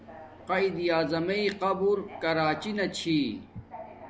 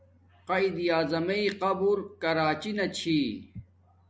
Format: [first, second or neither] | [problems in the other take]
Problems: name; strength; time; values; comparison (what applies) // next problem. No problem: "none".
second | background sound (Subway, metro, underground); 18 dB below the speech